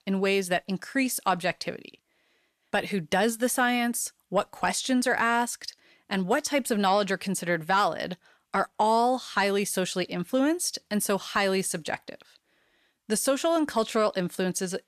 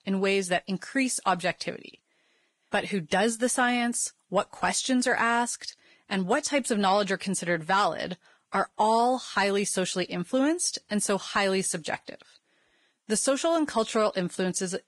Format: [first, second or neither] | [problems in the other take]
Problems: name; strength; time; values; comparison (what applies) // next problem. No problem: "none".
first | garbled, watery; badly; nothing above 10.5 kHz